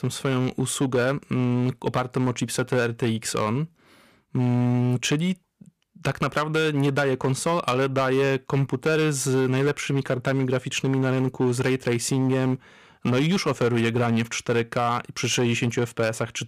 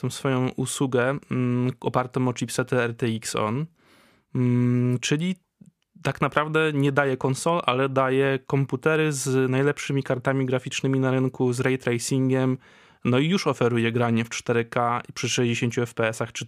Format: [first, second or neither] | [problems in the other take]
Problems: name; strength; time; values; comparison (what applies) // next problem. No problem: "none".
second | distortion; slight; 10% of the sound clipped